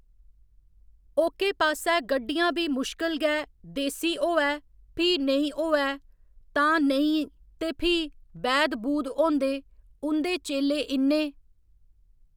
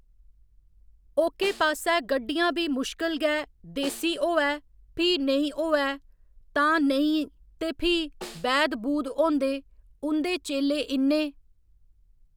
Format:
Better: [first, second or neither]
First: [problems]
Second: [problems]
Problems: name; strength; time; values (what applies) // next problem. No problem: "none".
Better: first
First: none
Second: background sound (Snare drum); 19 dB below the speech